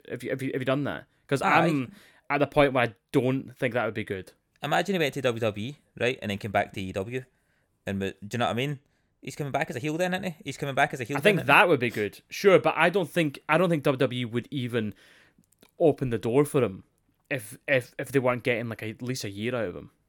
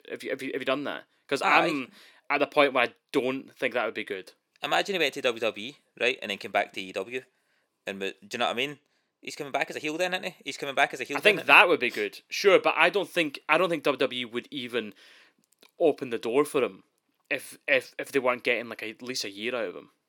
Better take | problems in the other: first | thin; very slightly; fading below 350 Hz

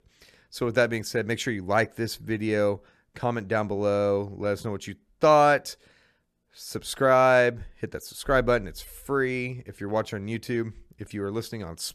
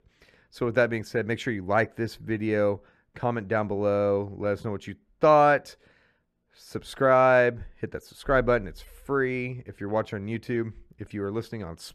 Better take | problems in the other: first | muffled; slightly; fading above 3.5 kHz

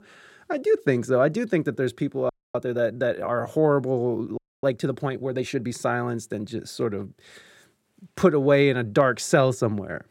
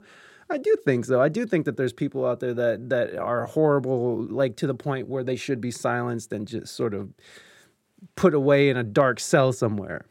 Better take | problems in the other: second | audio freezing; at 2.5 s and at 4.5 s

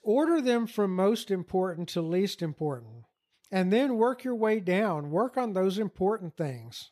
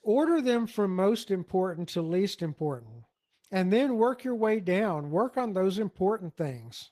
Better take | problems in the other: first | garbled, watery; slightly; nothing above 14.5 kHz

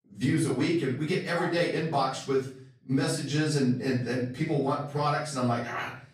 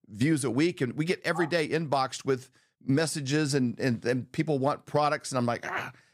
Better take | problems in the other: second | off-mic speech; far // room echo; noticeable; dies away in 0.5 s

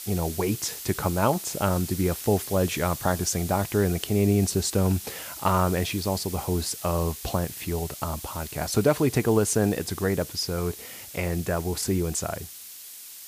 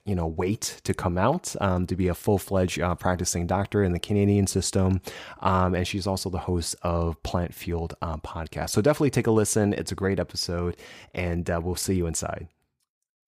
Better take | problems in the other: second | hiss; noticeable; throughout; 10 dB below the speech

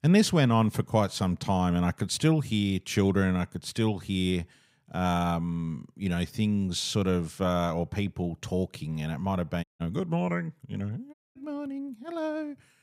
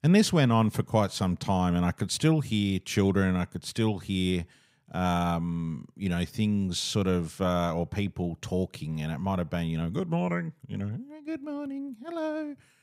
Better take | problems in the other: second | audio cutting out; at 9.5 s and at 11 s

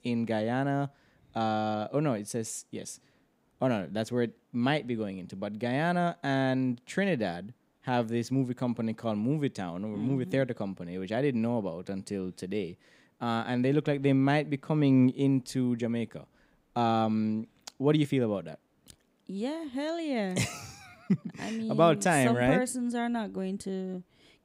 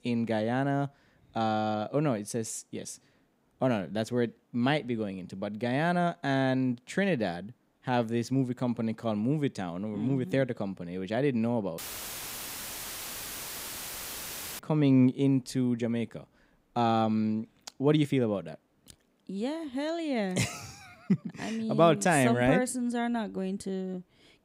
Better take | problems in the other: first | audio cutting out; filled with static; at 12 s for 3 s

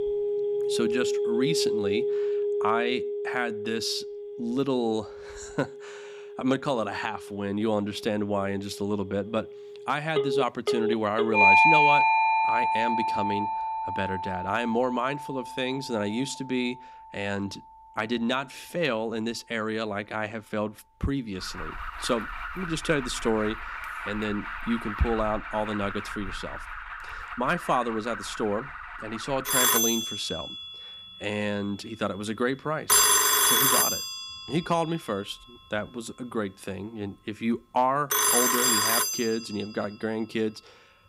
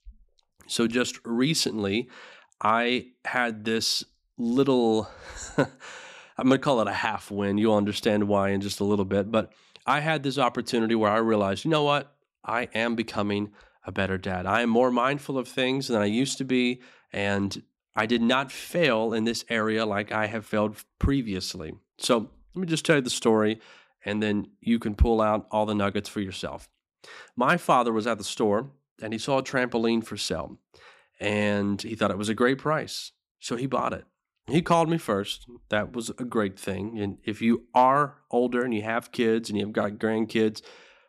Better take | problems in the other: second | alarms or sirens; very loud; throughout; 5 dB above the speech

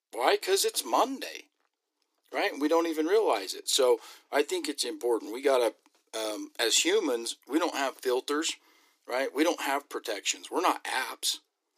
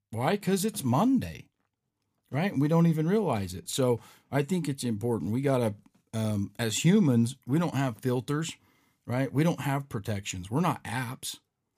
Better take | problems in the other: second | thin; very; fading below 300 Hz

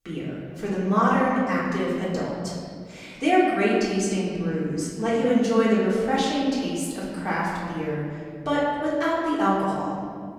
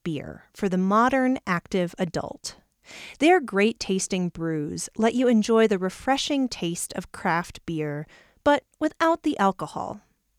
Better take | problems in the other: second | off-mic speech; far // room echo; noticeable; dies away in 1.9 s

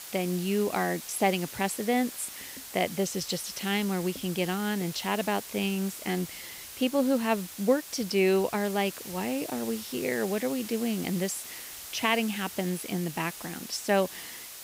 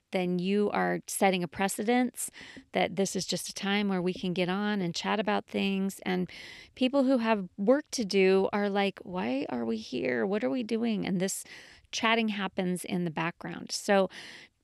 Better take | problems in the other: second | hiss; noticeable; throughout; 10 dB below the speech

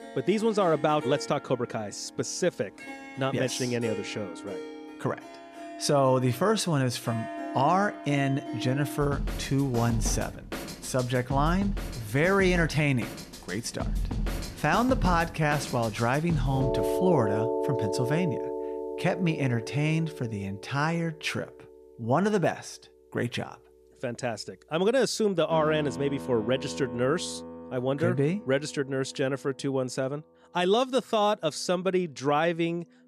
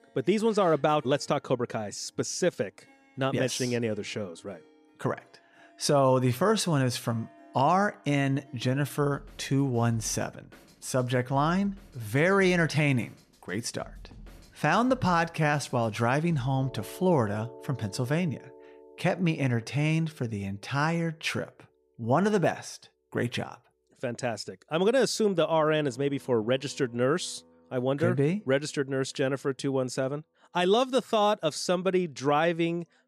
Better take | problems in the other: second | background music; loud; throughout; 8 dB below the speech; faint in the second

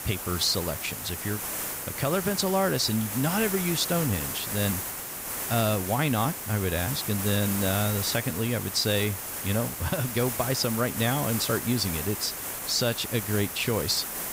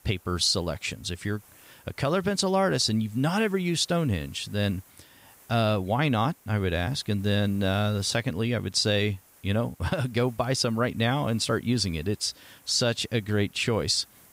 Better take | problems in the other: second | hiss; loud; throughout; 4 dB below the speech; faint in the second

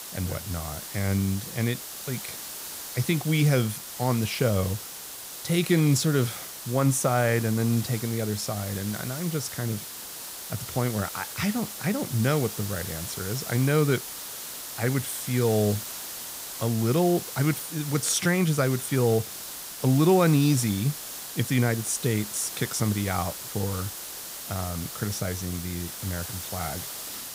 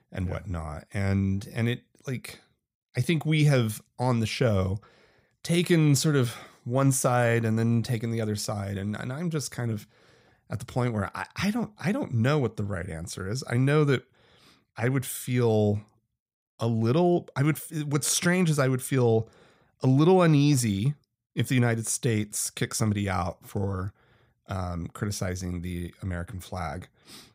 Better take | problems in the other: second | hiss; loud; throughout; 8 dB below the speech

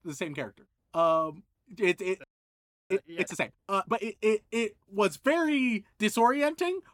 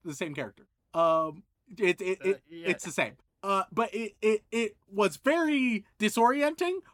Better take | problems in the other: second | audio freezing; at 2 s for 0.5 s

